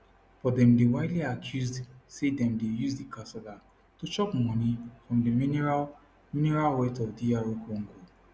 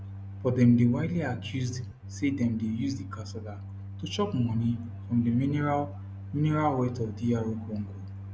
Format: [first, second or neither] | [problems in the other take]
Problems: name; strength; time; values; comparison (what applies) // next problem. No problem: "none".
first | background sound (Organ); 11 dB below the speech